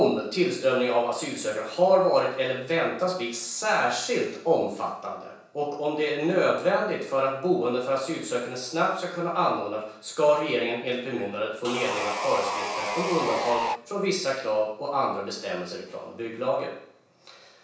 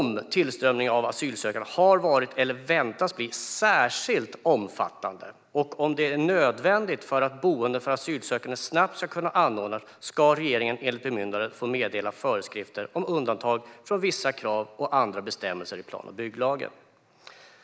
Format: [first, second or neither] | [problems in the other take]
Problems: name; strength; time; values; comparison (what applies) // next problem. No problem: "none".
second | background sound (Sawing); 3 dB below the speech // room echo; dies away in 0.7 s